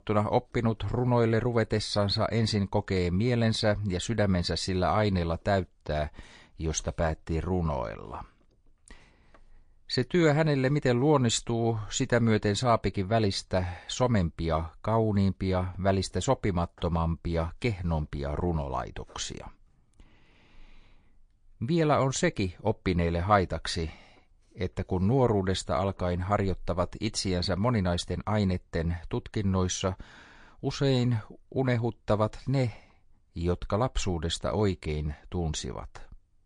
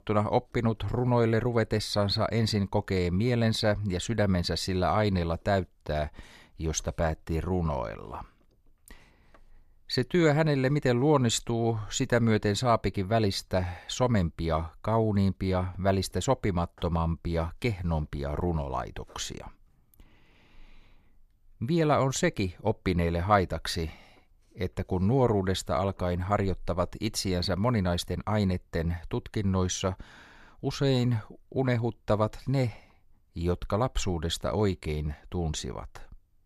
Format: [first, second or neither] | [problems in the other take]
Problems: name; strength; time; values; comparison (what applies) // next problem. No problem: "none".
second | garbled, watery; slightly